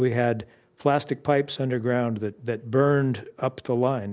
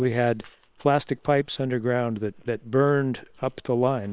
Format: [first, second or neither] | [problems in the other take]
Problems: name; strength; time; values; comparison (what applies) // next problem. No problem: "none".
first | noise reduction (neural separator model SepFormer WHAM!)